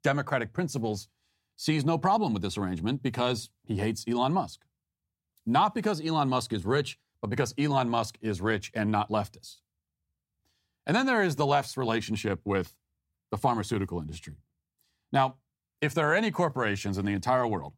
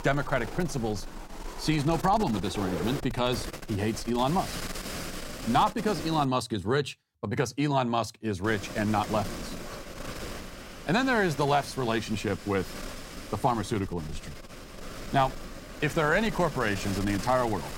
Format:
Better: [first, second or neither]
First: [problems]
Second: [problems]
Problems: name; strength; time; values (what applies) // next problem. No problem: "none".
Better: first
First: none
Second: wind noise on the microphone; occasional gusts; until 6.5 s and from 8.5 s on; 10 dB below the speech